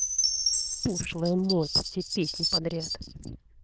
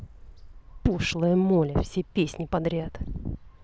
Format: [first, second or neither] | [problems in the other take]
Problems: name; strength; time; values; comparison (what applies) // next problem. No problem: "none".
second | noise reduction (neural diffusion model UNIVERSE++)